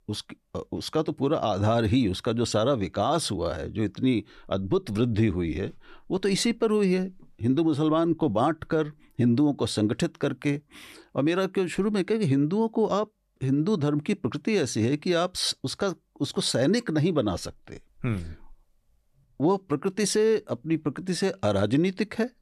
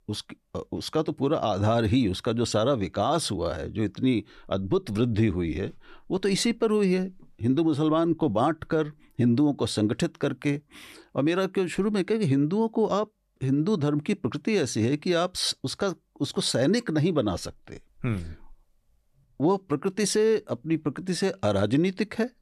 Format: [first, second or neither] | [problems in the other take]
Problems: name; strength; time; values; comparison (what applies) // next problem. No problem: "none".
neither | none